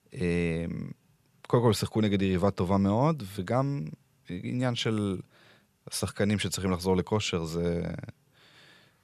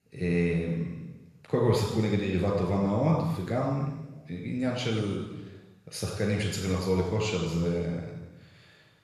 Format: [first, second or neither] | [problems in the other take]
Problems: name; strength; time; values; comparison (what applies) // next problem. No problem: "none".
first | room echo; noticeable; dies away in 1.1 s // off-mic speech; far